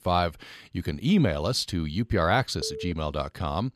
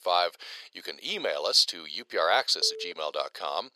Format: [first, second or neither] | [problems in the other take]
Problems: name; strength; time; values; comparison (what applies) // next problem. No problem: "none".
first | thin; very; fading below 500 Hz